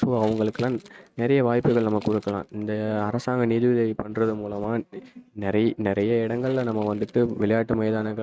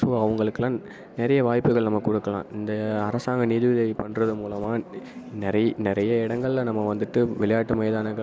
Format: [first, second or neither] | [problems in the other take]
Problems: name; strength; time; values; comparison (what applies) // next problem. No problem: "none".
second | noise reduction (neural mask model RNNoise)